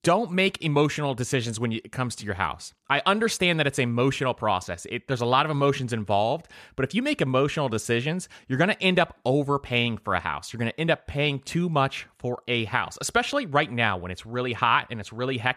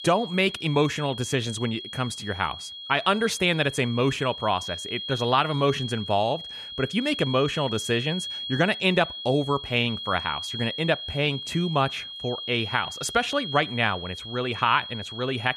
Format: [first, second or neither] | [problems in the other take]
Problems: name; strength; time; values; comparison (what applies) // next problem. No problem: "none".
first | high-pitched whine; loud; throughout; 3.5 kHz, 8 dB below the speech